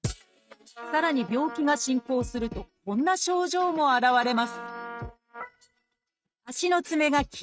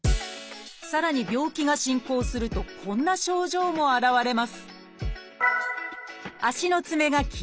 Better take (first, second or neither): second